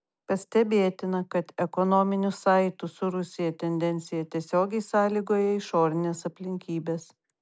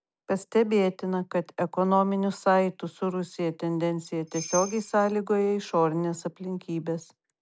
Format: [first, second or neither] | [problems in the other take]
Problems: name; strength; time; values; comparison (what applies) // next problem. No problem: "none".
first | background sound (Bell); 10 dB below the speech